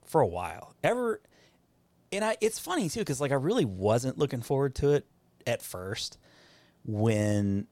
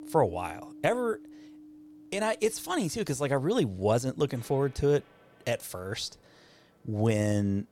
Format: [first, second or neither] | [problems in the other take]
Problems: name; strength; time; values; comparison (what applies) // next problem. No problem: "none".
first | background music; faint; throughout; 20 dB below the speech